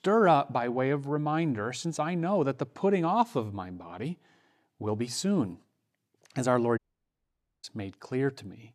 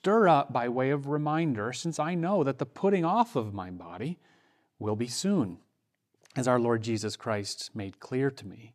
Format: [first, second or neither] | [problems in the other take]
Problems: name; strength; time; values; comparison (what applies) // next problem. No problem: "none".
second | audio cutting out; at 7 s for 1 s